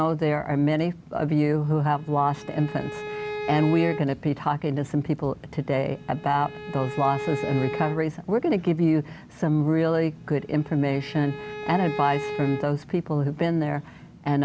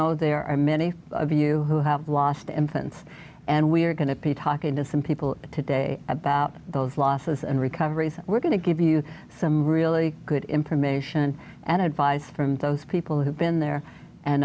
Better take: second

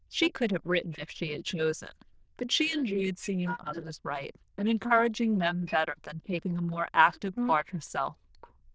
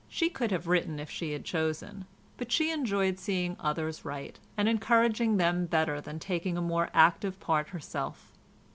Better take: second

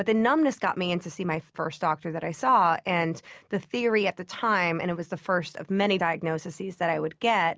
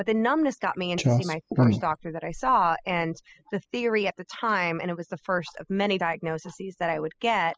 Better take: first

